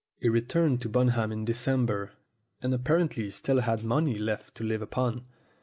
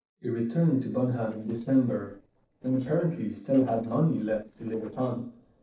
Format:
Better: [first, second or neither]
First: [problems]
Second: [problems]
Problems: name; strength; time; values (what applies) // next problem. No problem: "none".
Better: first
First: none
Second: noise reduction (neural separator model SepFormer DNS4)